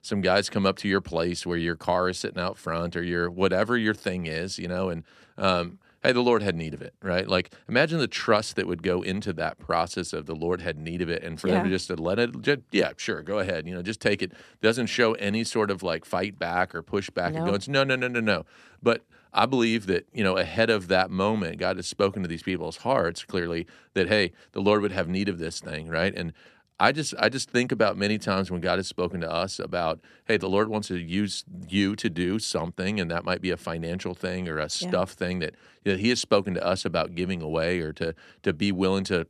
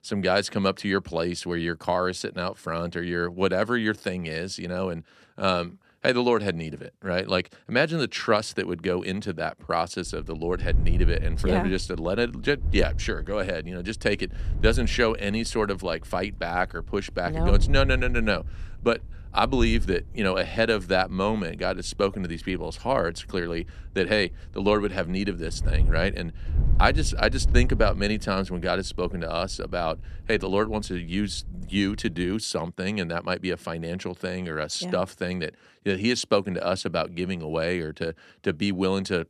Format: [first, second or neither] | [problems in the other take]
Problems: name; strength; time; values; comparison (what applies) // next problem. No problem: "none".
first | wind noise on the microphone; occasional gusts; from 10 to 32 s; 20 dB below the speech